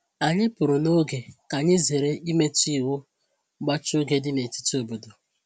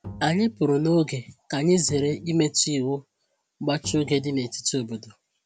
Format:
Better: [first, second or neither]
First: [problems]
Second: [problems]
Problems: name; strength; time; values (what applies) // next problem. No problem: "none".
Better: first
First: none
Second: background sound (Bowed string instrument); 19 dB below the speech